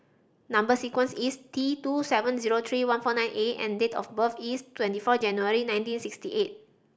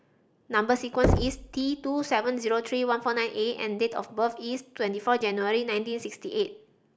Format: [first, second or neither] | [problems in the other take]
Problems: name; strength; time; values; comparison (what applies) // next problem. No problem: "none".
first | background sound (Knock); 3 dB below the speech